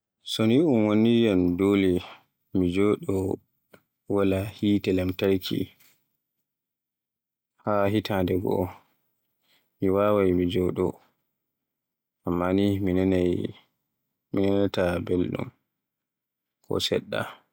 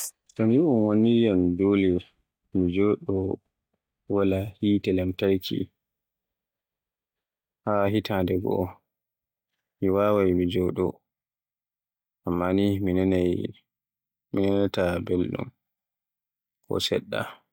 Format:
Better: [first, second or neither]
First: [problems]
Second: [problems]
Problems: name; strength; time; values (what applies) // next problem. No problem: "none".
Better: first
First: none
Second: noise reduction (neural mask model DeepFilterNet 3)